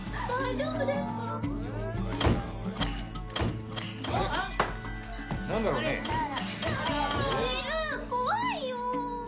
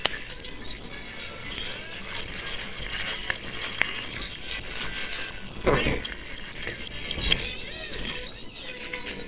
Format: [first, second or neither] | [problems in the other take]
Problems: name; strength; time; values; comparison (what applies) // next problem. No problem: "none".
first | noise reduction (neural separator model SepFormer WHAMR!)